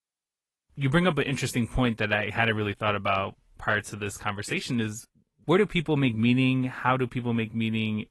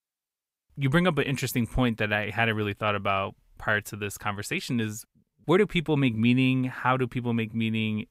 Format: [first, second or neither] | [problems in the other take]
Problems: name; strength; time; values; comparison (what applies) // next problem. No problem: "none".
second | garbled, watery; slightly; nothing above 11.5 kHz